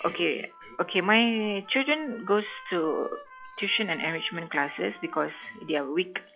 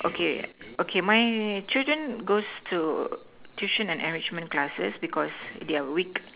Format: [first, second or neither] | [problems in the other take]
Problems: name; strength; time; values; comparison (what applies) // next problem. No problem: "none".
second | noise reduction (classical method log-MMSE)